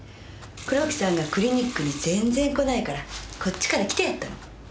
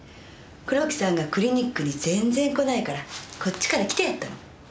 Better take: second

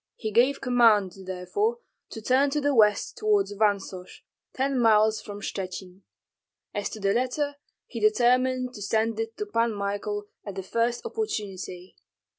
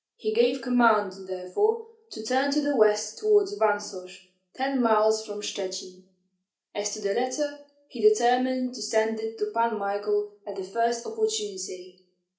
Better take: first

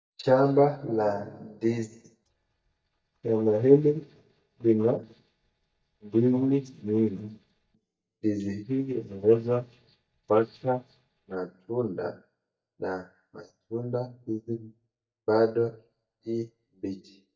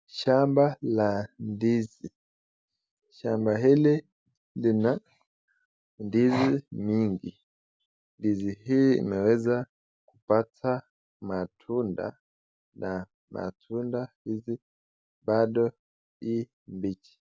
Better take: second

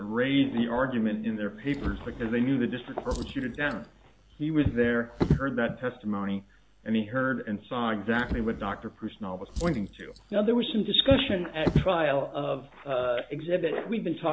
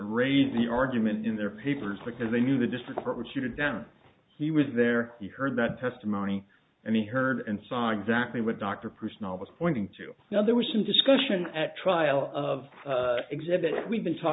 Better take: second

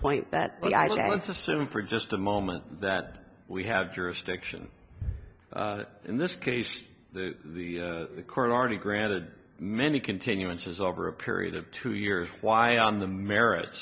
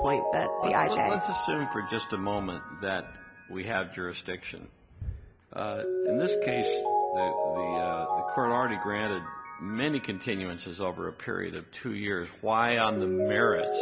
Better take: first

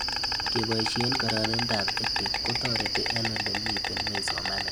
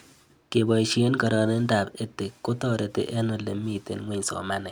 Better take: second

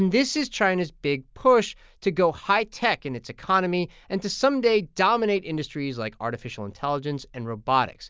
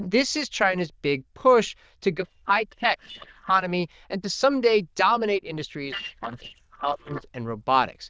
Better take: first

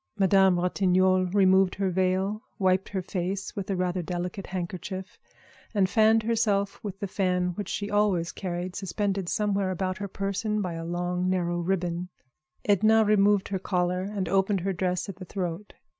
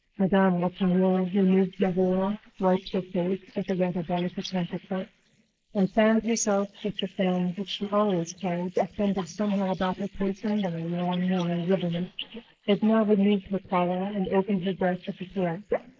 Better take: first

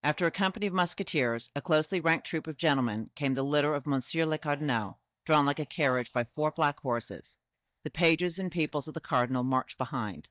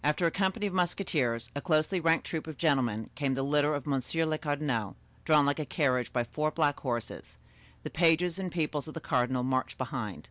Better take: second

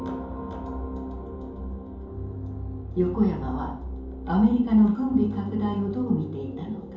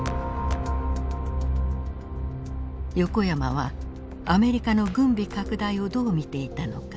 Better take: second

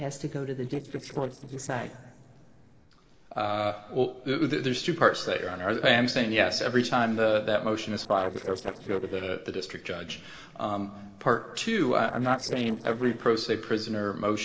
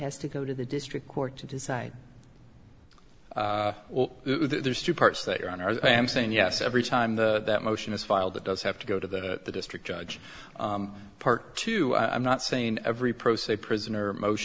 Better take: second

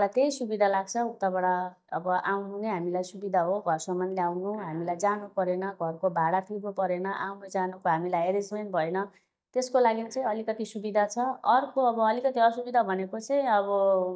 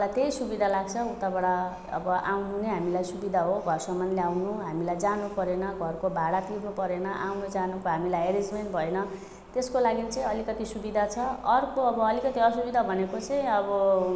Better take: second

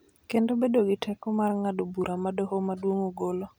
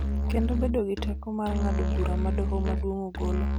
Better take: first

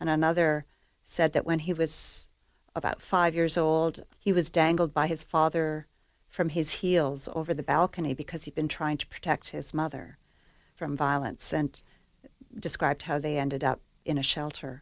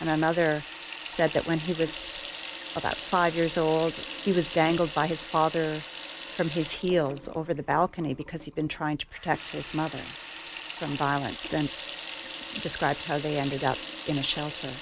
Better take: first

